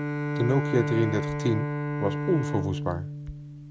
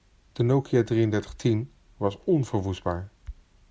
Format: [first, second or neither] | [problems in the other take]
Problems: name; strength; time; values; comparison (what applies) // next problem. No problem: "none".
second | background sound (Bowed string instrument); 2 dB below the speech